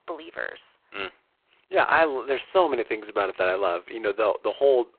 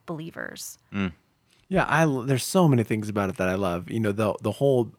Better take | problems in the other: second | phone-call audio; poor line; nothing above 4 kHz

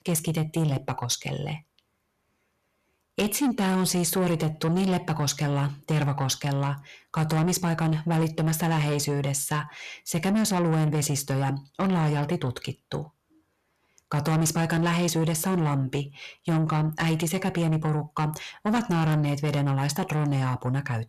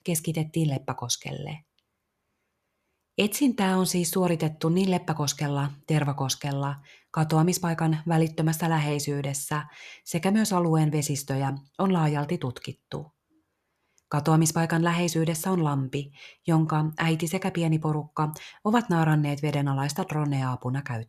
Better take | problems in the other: second | distortion; slight; 10 dB below the speech

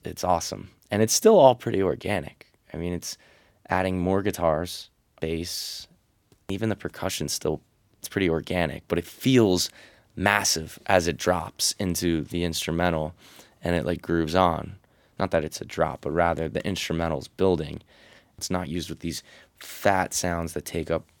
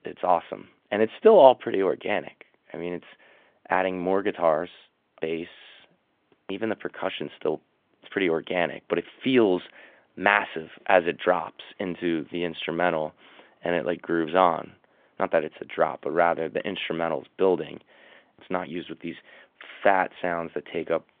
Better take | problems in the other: first | phone-call audio

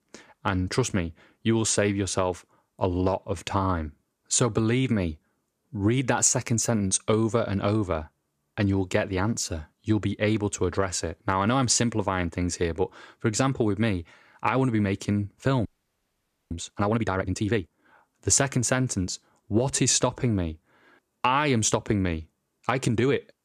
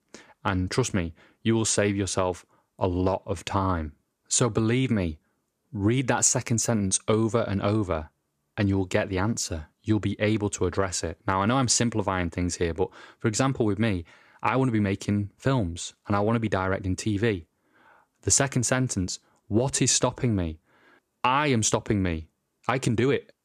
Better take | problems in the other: second | audio freezing; at 16 s for 1 s

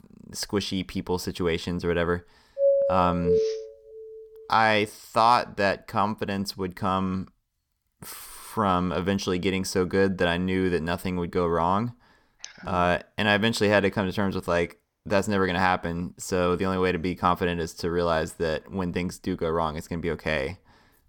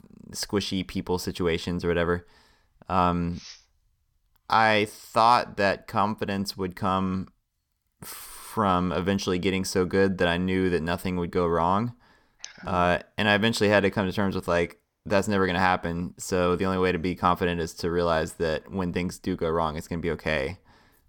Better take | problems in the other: second | doorbell; loud; from 2.5 to 3.5 s; peak 4 dB above the speech

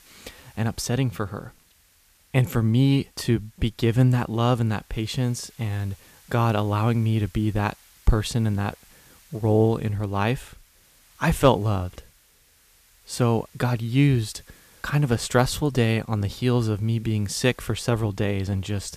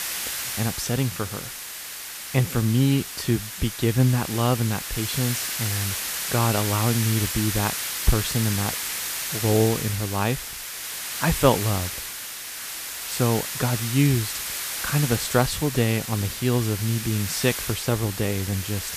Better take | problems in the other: first | hiss; loud; throughout; 4 dB below the speech; faint in the first

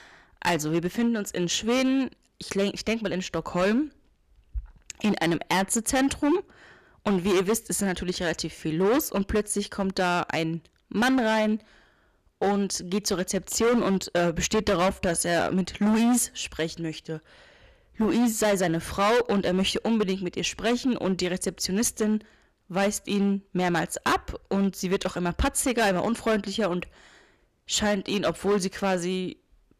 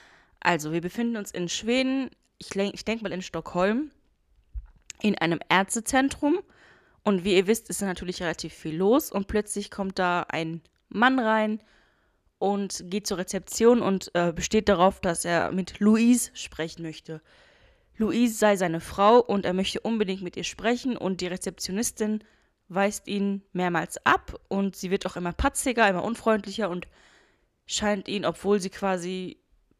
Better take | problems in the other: second | distortion; heavy; 10% of the sound clipped

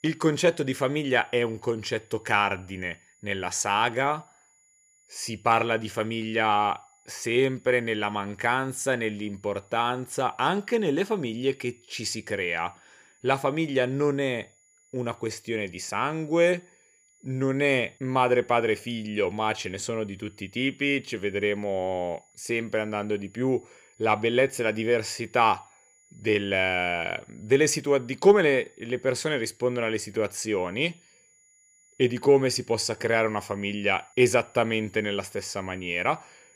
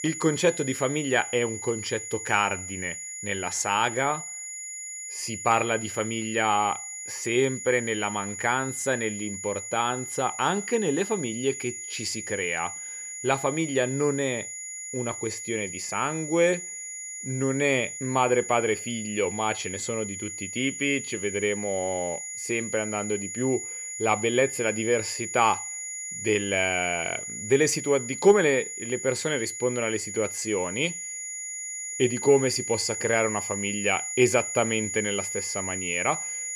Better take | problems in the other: first | high-pitched whine; loud; throughout; 7 kHz, 6 dB below the speech; faint in the first

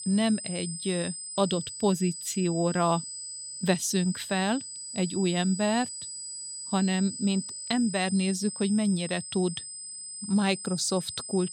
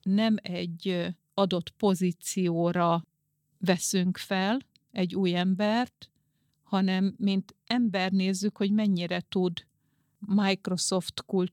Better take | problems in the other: second | high-pitched whine; loud; throughout; 8 kHz, 8 dB below the speech

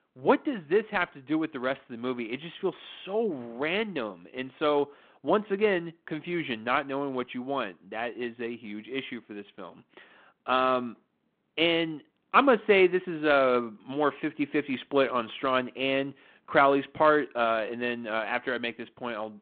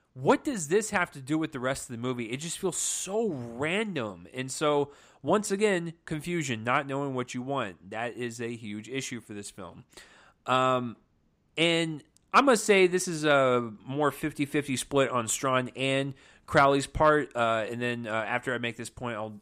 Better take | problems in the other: second | phone-call audio

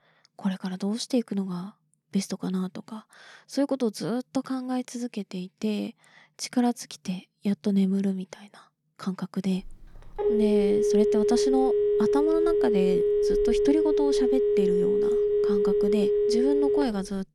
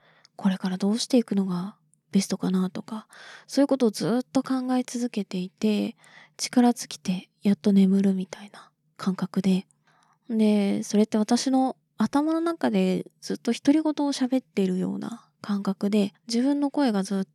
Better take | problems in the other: second | phone ringing; loud; from 9.5 s on; peak 6 dB above the speech

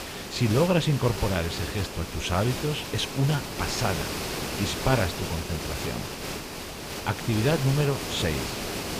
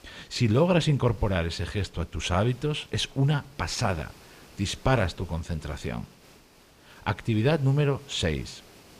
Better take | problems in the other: second | hiss; loud; throughout; 5 dB below the speech; faint in the second

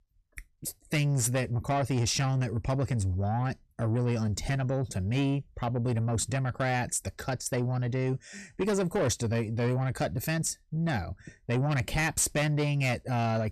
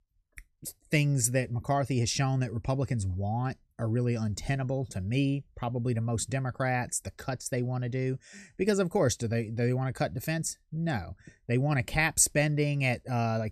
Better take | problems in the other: second | distortion; slight; 10 dB below the speech

